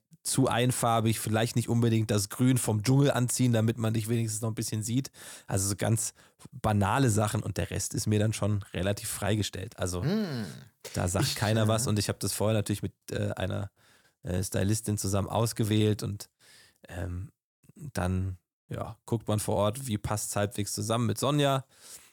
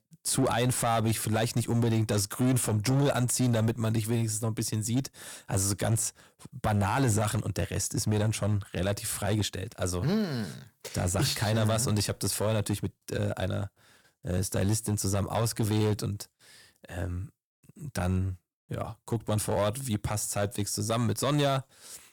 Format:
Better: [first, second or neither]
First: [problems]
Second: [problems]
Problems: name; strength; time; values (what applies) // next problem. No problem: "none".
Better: first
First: none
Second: distortion; slight; 6% of the sound clipped